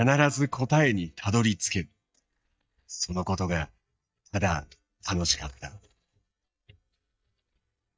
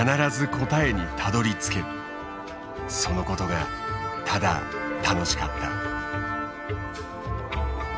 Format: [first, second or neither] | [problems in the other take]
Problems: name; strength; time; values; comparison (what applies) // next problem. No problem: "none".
second | noise reduction (neural mask model DeepFilterNet 3)